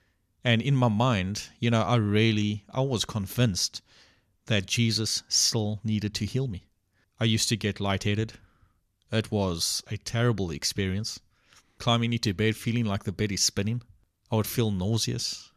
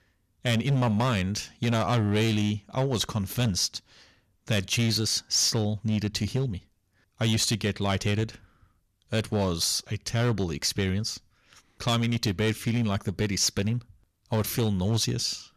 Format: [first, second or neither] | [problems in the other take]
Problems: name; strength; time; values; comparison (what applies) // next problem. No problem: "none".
first | distortion; slight; 9% of the sound clipped